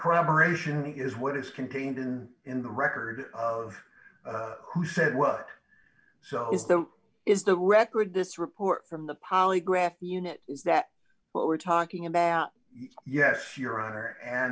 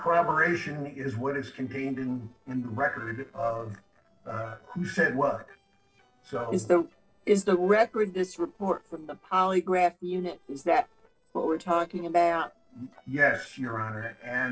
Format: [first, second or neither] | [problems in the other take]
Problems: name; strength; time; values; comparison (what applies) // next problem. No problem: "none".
first | noise reduction (neural separator model SepFormer DNS4)